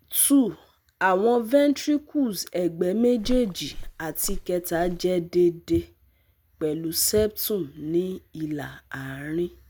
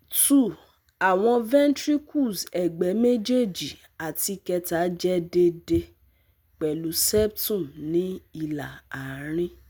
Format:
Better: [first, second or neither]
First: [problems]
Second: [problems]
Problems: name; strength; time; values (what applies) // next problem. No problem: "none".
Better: second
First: background sound (Walk, footsteps); 9 dB below the speech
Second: none